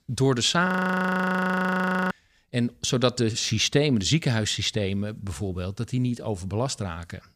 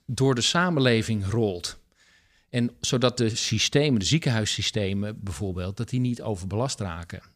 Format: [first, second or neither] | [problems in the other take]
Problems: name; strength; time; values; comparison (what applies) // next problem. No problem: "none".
second | audio freezing; at 0.5 s for 1.5 s